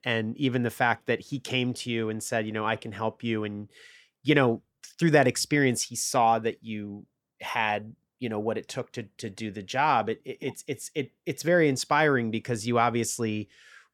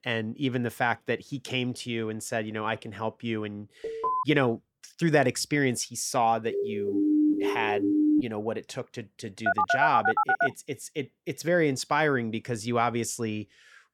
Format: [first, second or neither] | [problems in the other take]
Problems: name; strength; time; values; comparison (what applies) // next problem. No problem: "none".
first | alarm; noticeable; at 4 s; peak level with the speech // siren; loud; from 6.5 to 8 s; peak 6 dB above the speech // phone ringing; loud; from 9.5 to 10 s; peak 5 dB above the speech